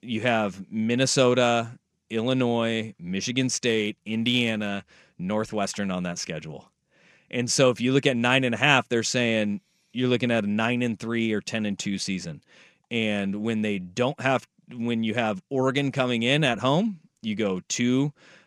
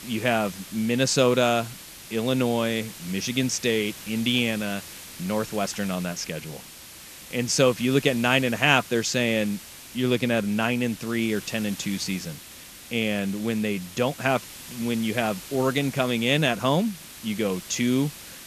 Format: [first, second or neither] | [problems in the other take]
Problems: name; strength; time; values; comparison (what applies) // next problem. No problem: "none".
first | hiss; noticeable; throughout; 15 dB below the speech